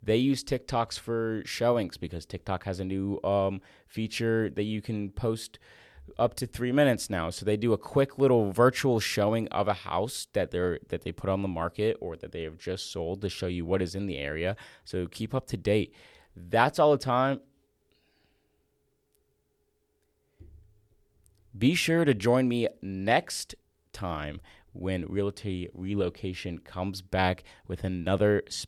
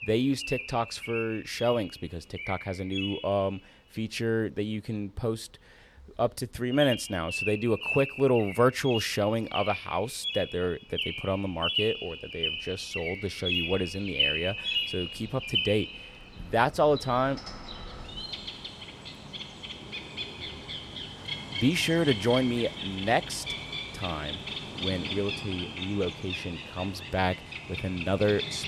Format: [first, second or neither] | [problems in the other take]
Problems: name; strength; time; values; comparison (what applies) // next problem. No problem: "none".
first | animal sounds; loud; throughout; 4 dB below the speech